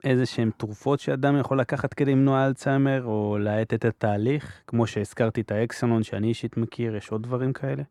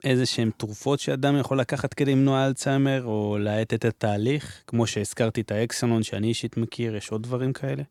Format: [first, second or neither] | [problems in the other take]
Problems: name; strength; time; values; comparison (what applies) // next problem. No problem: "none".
second | muffled; slightly; fading above 2.5 kHz